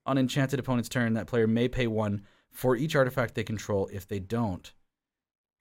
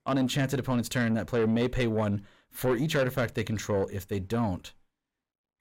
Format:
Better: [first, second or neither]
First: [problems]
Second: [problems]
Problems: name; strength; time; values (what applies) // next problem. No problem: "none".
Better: first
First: none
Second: distortion; slight; 10 dB below the speech